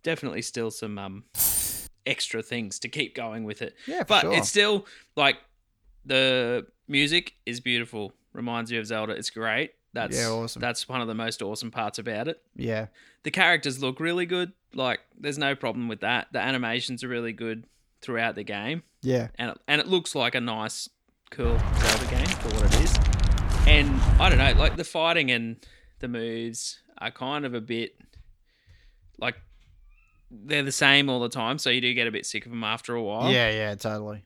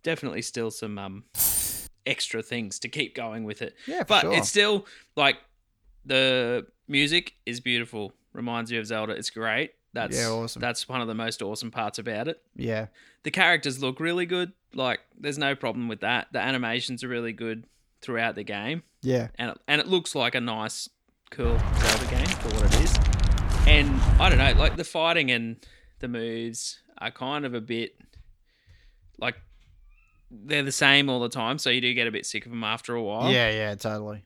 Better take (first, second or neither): neither